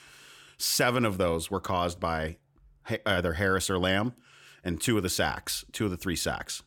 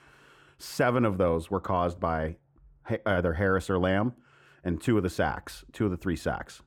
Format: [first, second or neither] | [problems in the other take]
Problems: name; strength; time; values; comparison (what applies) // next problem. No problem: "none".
first | muffled; slightly; fading above 2 kHz